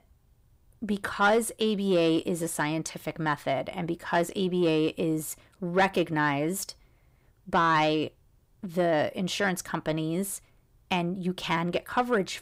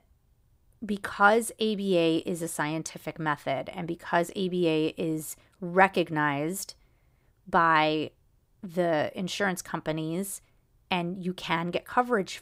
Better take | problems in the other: second | distortion; slight; 10 dB below the speech

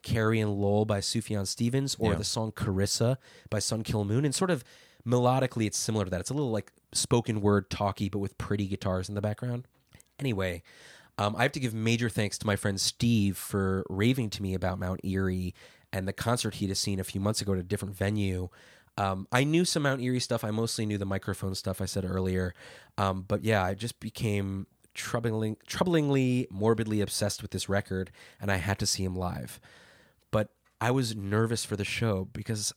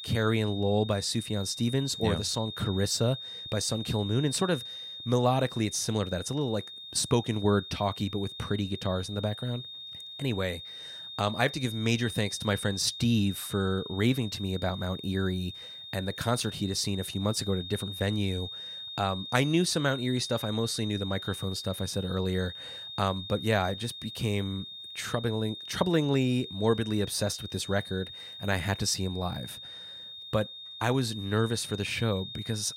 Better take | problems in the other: first | high-pitched whine; loud; throughout; 3.5 kHz, 9 dB below the speech

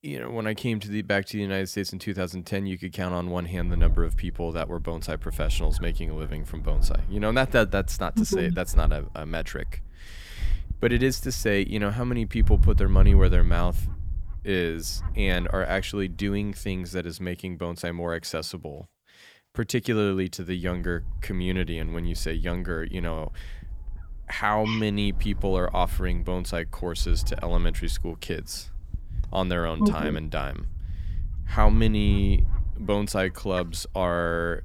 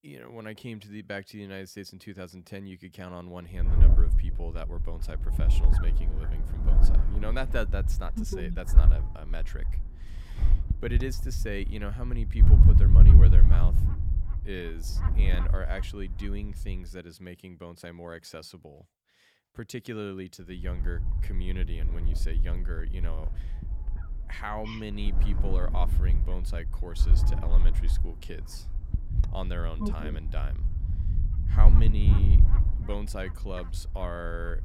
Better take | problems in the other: first | wind noise on the microphone; heavy; from 3.5 to 17 s and from 21 s on; 4 dB below the speech; occasional gusts in the first

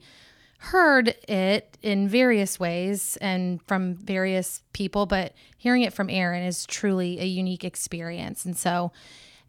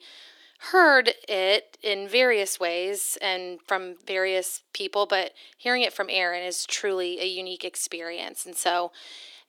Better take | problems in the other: first | thin; very; fading below 350 Hz

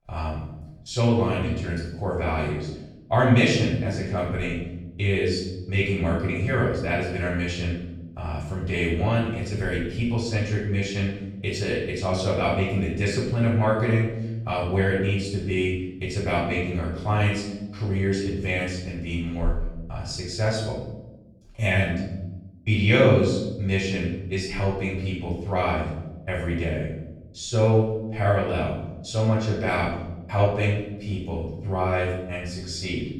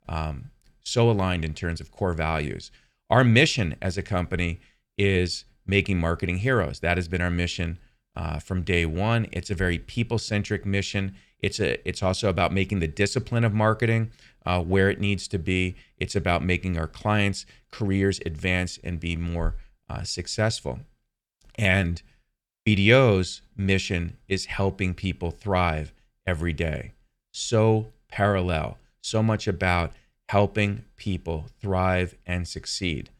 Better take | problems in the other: second | off-mic speech; far // room echo; noticeable; dies away in 1 s

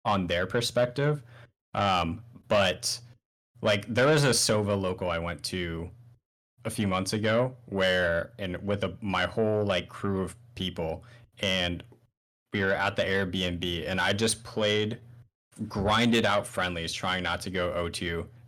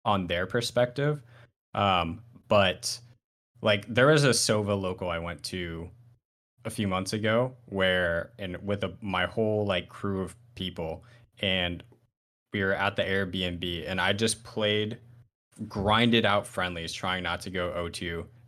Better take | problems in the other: second | distortion; slight; 10 dB below the speech

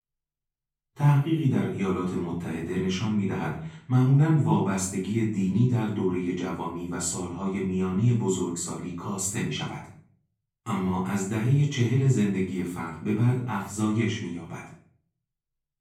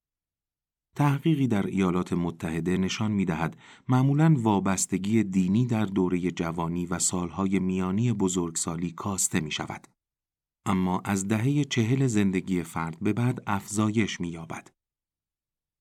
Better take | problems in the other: second | off-mic speech; far // room echo; noticeable; dies away in 0.5 s

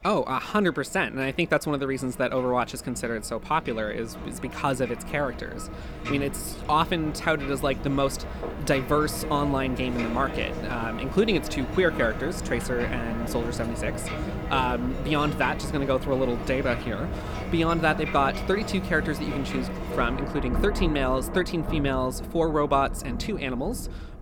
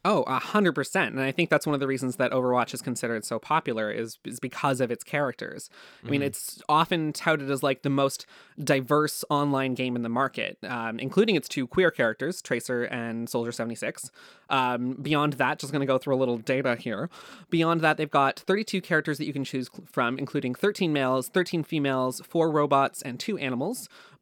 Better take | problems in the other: second | rain or running water; loud; throughout; 7 dB below the speech

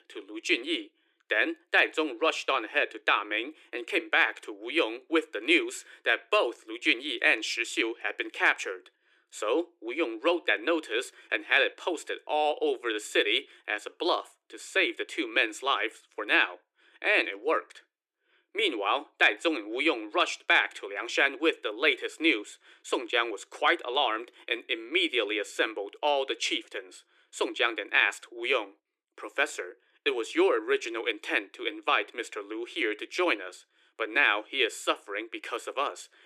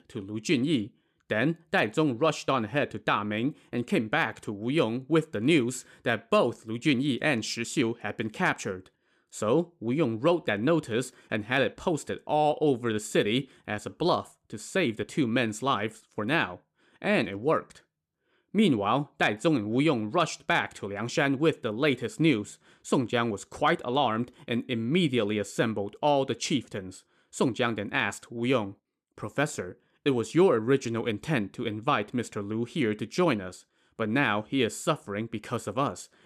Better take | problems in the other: second | thin; very; fading below 300 Hz

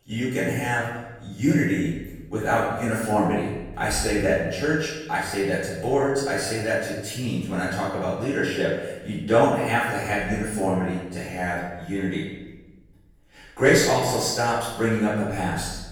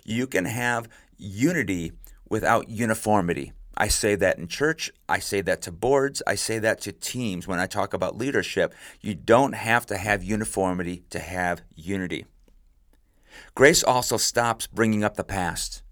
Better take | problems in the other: second | off-mic speech; far // room echo; strong; dies away in 1 s

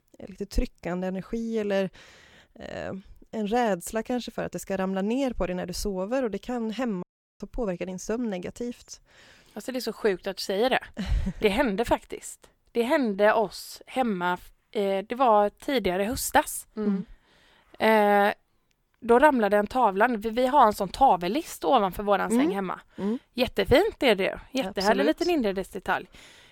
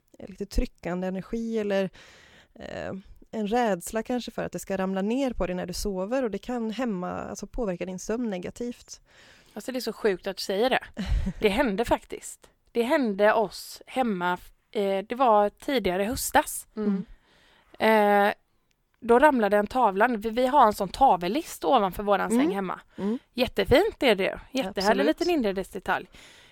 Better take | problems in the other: second | audio cutting out; at 7 s

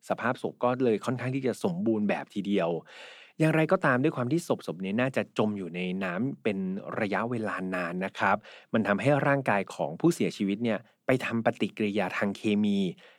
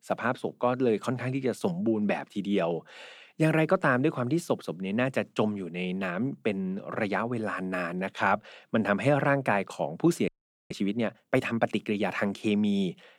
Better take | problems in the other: first | audio freezing; at 10 s

